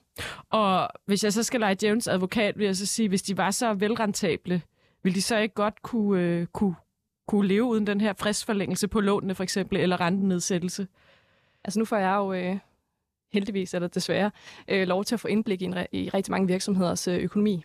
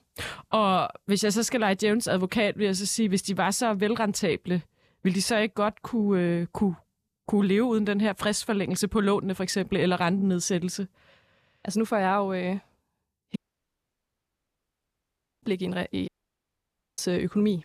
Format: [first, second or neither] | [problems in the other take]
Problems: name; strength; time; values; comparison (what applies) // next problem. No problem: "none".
first | audio cutting out; at 13 s for 2 s and at 16 s for 1 s